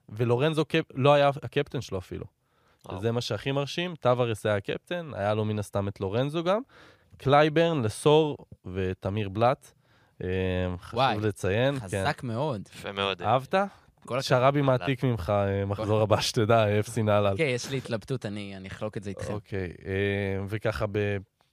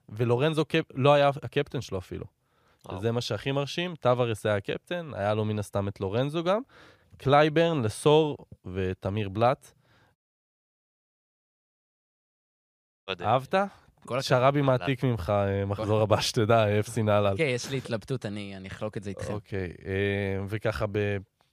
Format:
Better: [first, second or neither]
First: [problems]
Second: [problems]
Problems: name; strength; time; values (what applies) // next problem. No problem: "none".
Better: first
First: none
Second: audio cutting out; at 10 s for 3 s